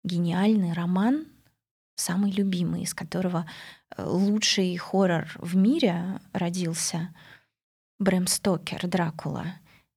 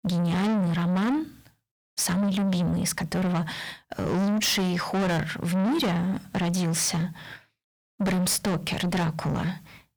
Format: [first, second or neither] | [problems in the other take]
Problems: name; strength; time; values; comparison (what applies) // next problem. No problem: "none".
first | distortion; heavy; 6 dB below the speech